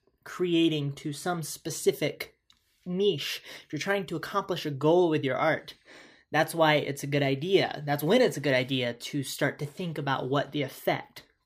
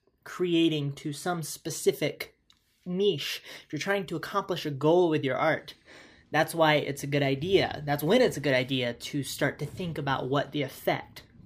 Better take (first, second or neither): first